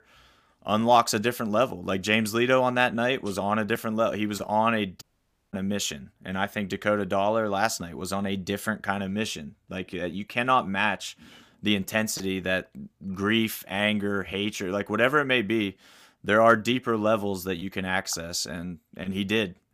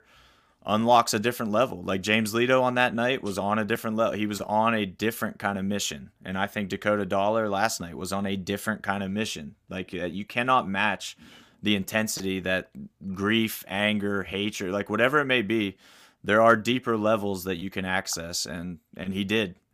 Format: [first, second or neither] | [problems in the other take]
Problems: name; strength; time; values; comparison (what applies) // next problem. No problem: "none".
second | audio cutting out; at 5 s for 0.5 s